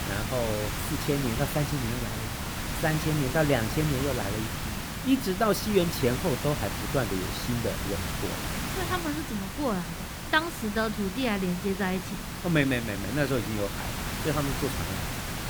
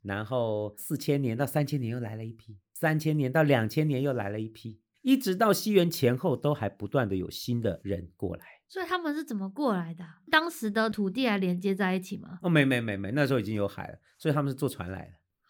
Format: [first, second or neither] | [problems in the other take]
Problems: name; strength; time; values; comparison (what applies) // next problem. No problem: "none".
second | hiss; loud; throughout; 4 dB below the speech